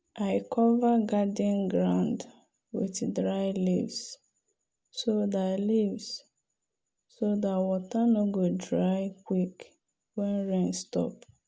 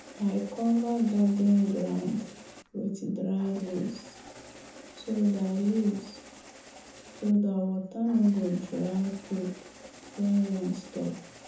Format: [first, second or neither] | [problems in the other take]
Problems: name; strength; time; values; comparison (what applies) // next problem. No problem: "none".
first | background sound (Engine starting); 20 dB below the speech // room echo; dies away in 0.5 s